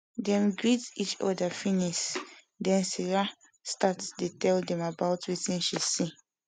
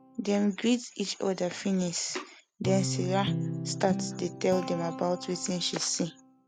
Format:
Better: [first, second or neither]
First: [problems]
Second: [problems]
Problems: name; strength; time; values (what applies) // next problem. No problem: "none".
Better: first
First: none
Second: background sound (Guitar); 7 dB below the speech